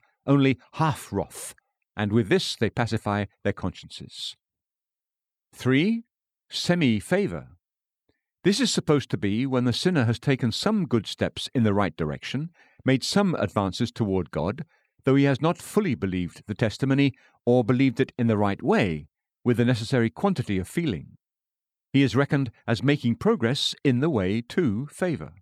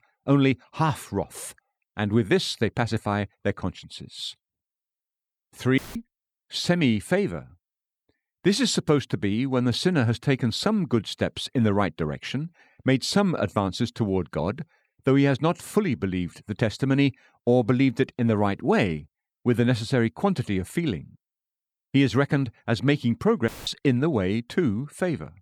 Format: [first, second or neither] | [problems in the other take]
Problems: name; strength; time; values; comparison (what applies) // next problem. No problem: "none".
first | audio cutting out; filled with static; at 6 s and at 23 s